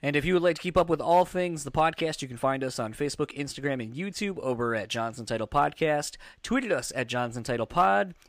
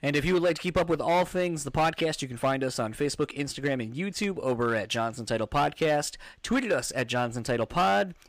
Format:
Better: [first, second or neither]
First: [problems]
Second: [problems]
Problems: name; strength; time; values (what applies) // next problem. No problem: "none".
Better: first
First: none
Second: distortion; slight; 6% of the sound clipped